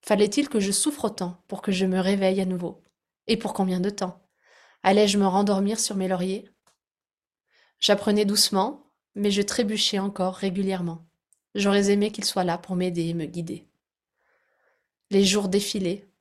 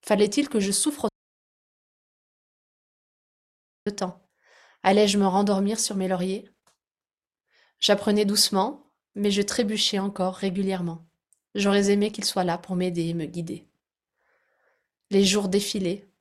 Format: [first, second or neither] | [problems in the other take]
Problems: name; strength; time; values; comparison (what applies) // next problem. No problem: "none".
first | audio cutting out; at 1 s for 3 s